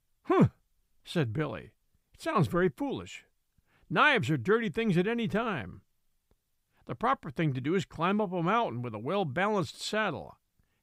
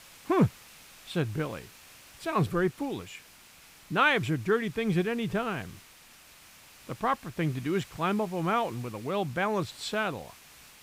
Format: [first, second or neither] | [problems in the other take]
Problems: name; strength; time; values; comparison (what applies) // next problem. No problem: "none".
first | hiss; faint; throughout; 20 dB below the speech